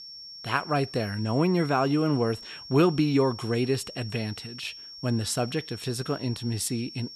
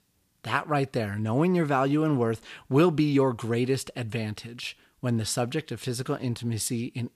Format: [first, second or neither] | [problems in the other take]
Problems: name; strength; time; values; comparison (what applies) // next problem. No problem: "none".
second | high-pitched whine; noticeable; throughout; 5.5 kHz, 15 dB below the speech